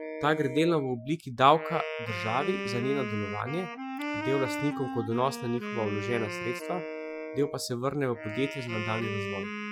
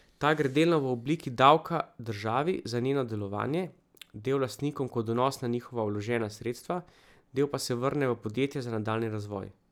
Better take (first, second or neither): second